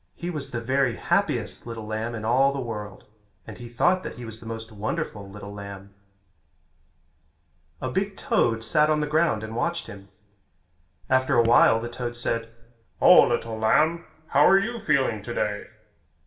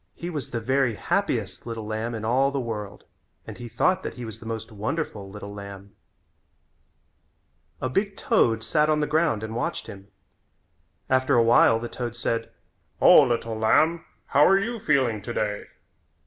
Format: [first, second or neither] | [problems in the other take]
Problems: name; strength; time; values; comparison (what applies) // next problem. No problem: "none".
second | background sound (Raindrop / Drip); 16 dB below the speech // room echo; dies away in 0.5 s